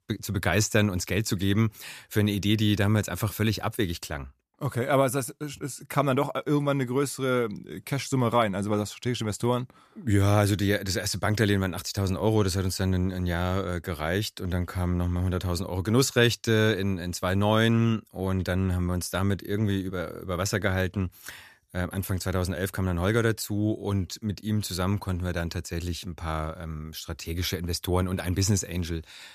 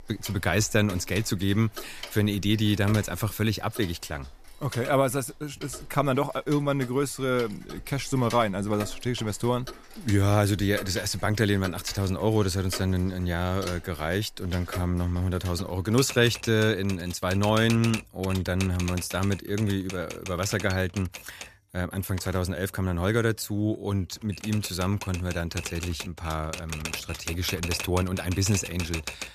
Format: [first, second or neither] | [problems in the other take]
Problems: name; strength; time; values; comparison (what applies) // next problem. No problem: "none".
first | household noises; noticeable; throughout; 10 dB below the speech